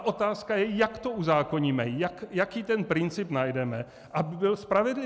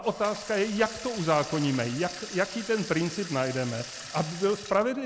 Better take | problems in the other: first | background sound (Sink (filling or washing) / Water tap, faucet); 13 dB below the speech

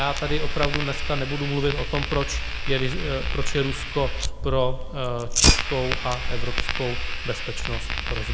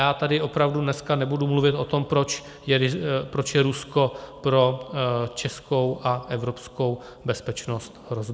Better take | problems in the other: second | background sound (Fire); 3 dB above the speech

